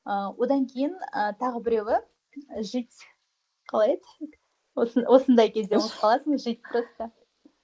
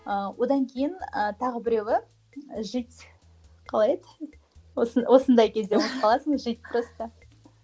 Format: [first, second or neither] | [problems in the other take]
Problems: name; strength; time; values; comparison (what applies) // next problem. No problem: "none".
second | noise reduction (neural mask model Resemble Enhance denoiser)